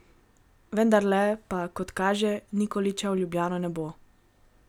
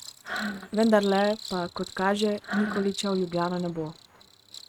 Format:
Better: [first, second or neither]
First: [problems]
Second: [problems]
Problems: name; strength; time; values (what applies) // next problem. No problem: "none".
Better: first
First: none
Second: noise reduction (neural mask model RNNoise)